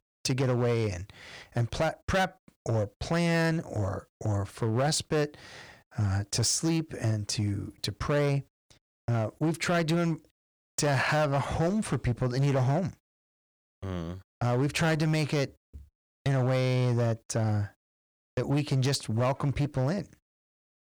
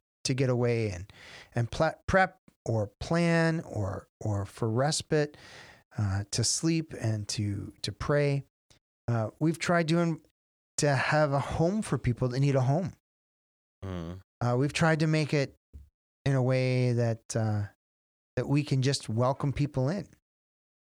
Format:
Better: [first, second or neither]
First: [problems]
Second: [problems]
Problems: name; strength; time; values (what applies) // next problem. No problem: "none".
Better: second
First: distortion; slight; 10% of the sound clipped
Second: none